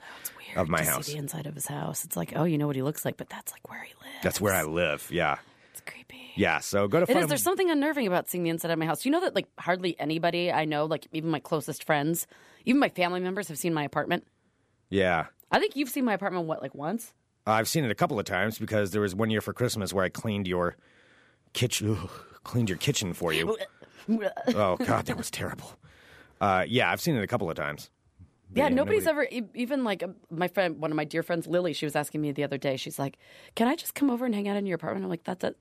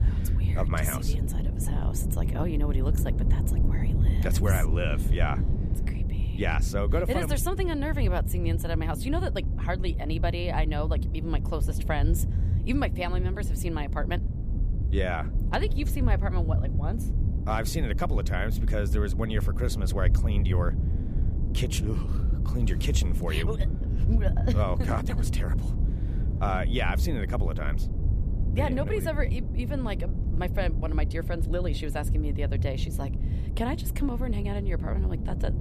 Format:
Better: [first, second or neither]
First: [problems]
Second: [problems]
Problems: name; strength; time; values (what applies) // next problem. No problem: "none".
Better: first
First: none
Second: low rumble; loud; throughout; 9 dB below the speech